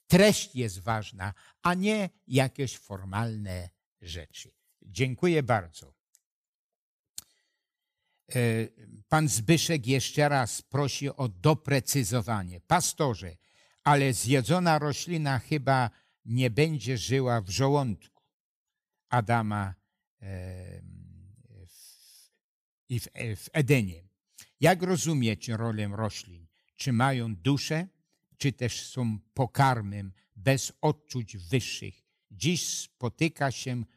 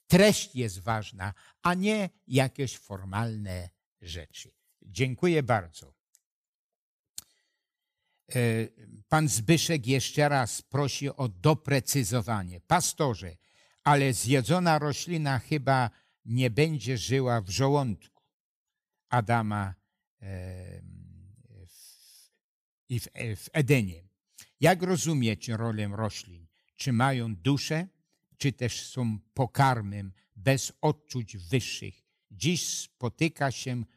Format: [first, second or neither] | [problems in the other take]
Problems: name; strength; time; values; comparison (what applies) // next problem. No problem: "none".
neither | none